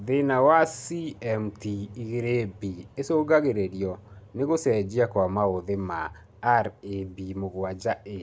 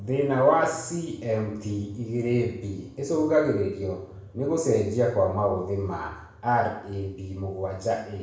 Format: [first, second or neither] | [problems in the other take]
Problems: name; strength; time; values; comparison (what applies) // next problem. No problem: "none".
first | room echo; dies away in 0.7 s